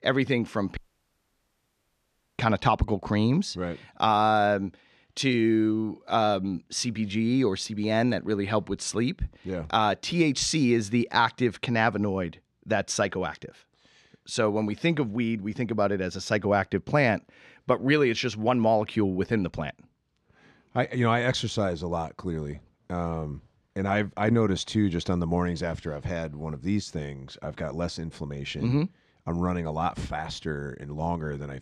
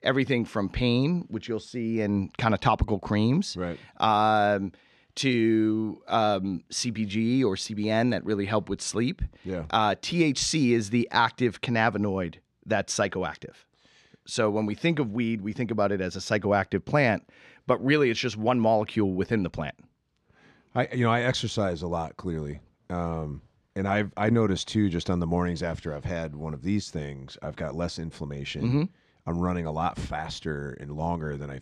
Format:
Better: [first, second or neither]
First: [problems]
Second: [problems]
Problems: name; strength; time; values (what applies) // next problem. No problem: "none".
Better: second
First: audio cutting out; at 1 s for 1.5 s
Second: none